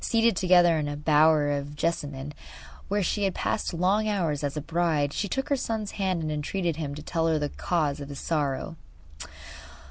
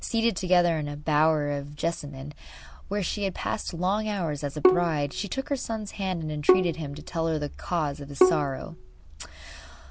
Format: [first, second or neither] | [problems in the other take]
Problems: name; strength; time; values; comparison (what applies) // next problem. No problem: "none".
first | background sound (Bowed string instrument); 1 dB above the speech